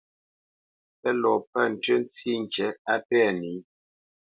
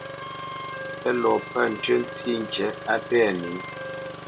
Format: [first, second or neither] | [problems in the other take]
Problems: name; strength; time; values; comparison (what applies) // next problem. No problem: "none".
first | background sound (Wind instrument, woodwind instrument + Engine starting); 9 dB below the speech